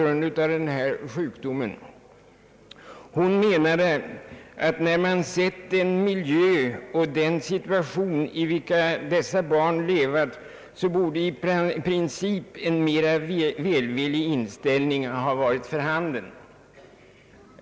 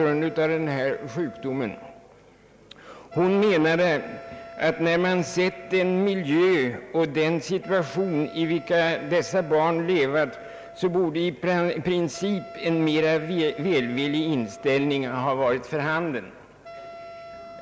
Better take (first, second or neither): first